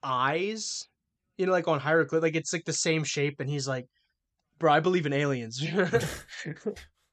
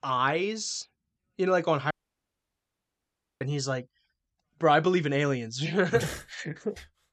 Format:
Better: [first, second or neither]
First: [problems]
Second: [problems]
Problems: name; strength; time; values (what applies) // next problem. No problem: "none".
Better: first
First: none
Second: audio cutting out; at 2 s for 1.5 s